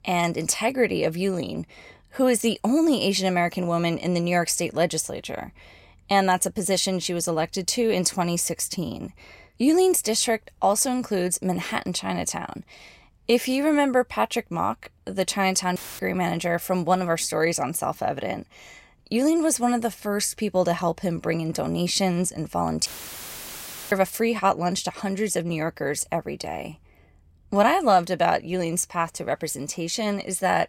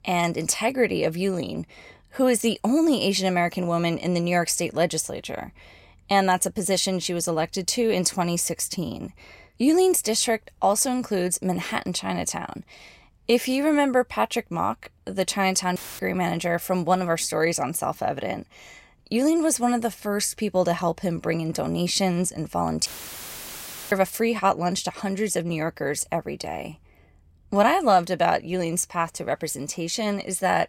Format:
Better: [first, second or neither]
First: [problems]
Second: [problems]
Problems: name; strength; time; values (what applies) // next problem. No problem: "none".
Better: neither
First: audio cutting out; filled with static; at 16 s and at 23 s for 1 s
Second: audio cutting out; filled with static; at 16 s and at 23 s for 1 s